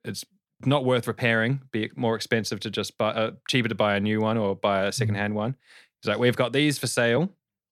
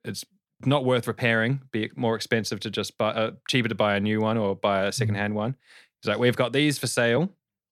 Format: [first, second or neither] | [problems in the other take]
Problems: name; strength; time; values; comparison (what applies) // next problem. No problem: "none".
neither | none